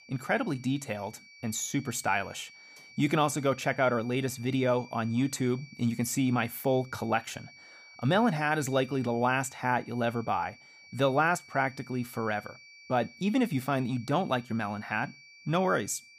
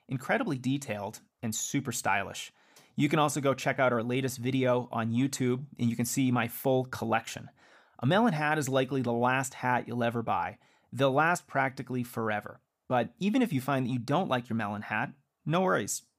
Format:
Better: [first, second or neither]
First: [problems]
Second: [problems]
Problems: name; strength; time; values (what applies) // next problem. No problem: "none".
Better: second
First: high-pitched whine; faint; throughout; 2.5 kHz, 20 dB below the speech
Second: none